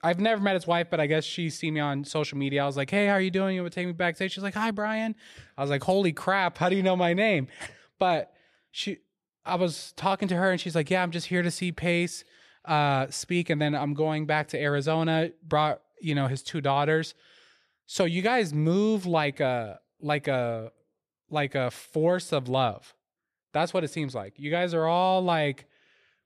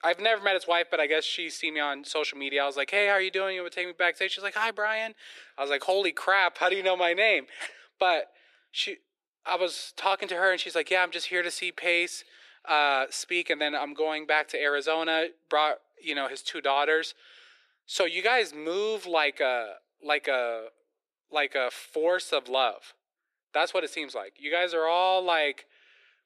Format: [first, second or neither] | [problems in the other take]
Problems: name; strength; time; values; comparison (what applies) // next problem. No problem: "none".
first | thin; very; fading below 350 Hz